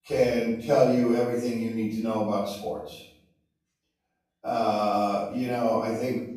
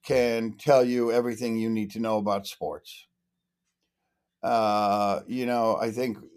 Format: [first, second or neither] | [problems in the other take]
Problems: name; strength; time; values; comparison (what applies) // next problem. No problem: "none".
second | room echo; noticeable; dies away in 0.7 s // off-mic speech; far